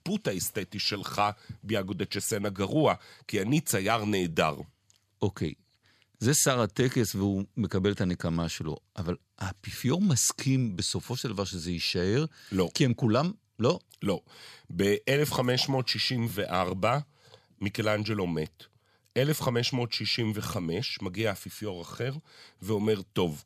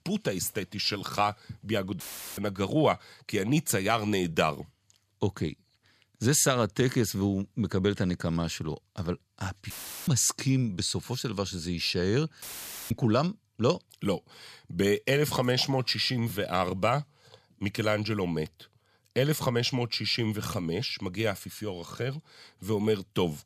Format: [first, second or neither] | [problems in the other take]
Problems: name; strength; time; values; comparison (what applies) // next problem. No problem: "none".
first | audio cutting out; filled with static; at 2 s, at 9.5 s and at 12 s